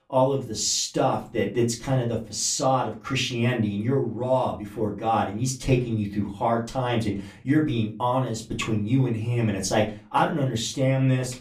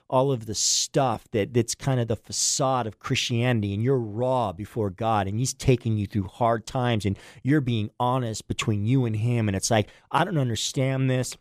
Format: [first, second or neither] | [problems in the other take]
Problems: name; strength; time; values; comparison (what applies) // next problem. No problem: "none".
second | off-mic speech; far // room echo; very slight; dies away in 0.3 s